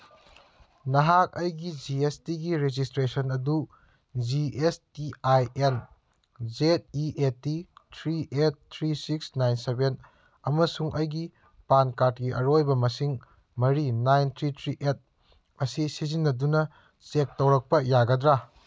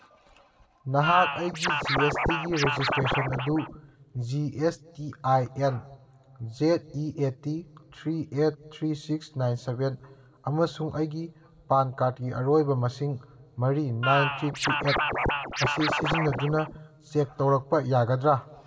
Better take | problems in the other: first | background sound (Scratching (performance technique)); as loud as the speech // room echo; dies away in 2.4 s

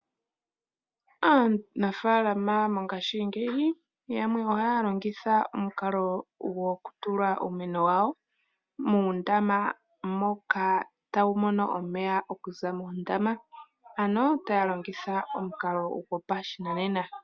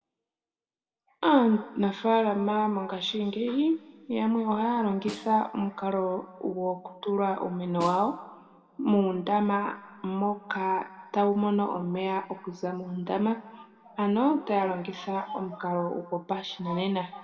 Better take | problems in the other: first | background sound (Snare drum); 19 dB below the speech // room echo; dies away in 1.3 s

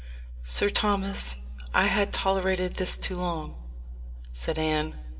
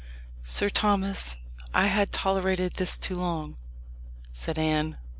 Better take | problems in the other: second | room echo; dies away in 0.3 s

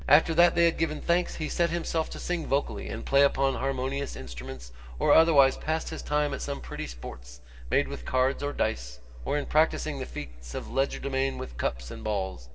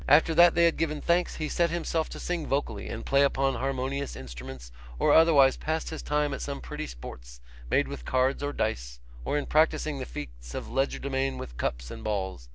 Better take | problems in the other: second | room echo; dies away in 1.4 s

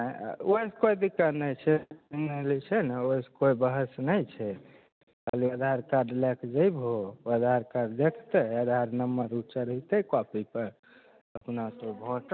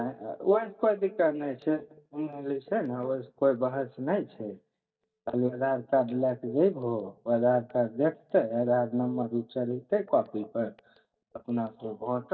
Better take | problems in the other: first | noise reduction (neural mask model DeepFilterNet 3)

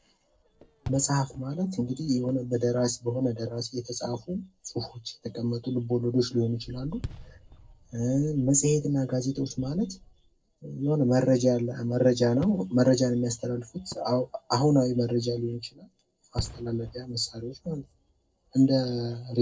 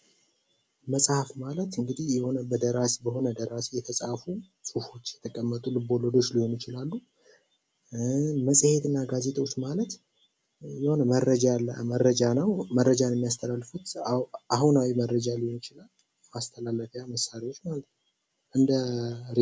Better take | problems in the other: second | noise reduction (neural separator model SepFormer DNS4)

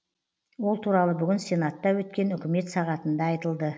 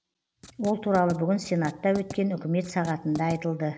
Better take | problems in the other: first | background sound (Writing); 16 dB below the speech

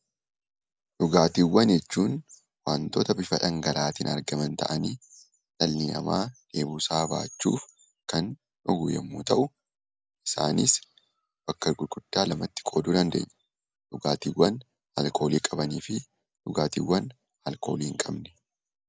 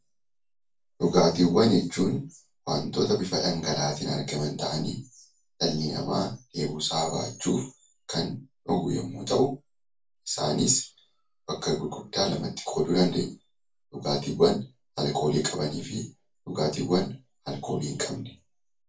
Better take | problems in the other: first | room echo; dies away in 0.2 s

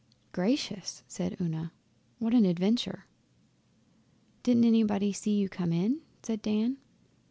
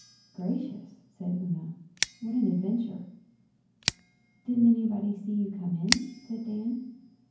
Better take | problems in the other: first | background sound (Scissors); 8 dB below the speech // room echo; dies away in 0.9 s

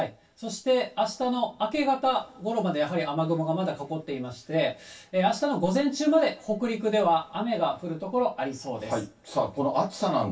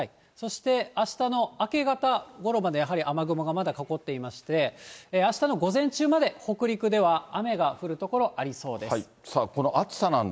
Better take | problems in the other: second | room echo; dies away in 0.2 s

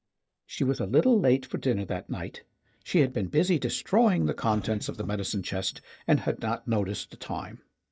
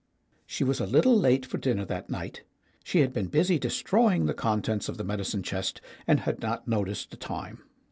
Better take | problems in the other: second | noise reduction (neural mask model DeepFilterNet 3)

